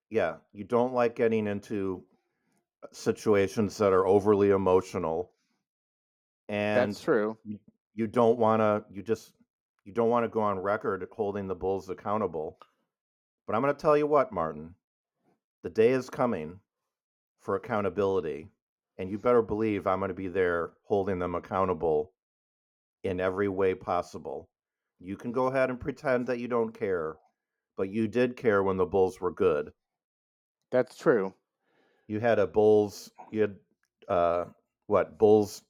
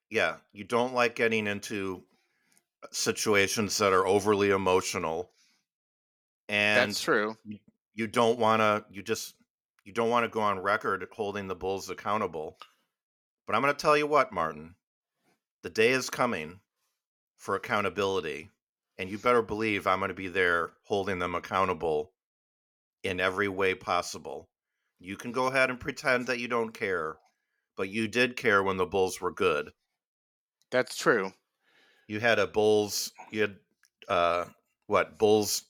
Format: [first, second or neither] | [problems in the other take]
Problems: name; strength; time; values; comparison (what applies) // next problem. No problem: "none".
second | muffled; slightly; fading above 1.5 kHz